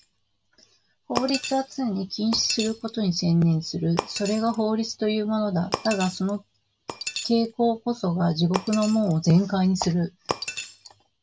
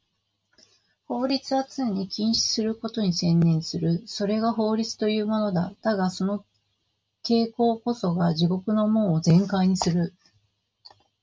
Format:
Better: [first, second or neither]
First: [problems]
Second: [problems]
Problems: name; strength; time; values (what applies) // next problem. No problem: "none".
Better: second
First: background sound (Shatter); 12 dB below the speech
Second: none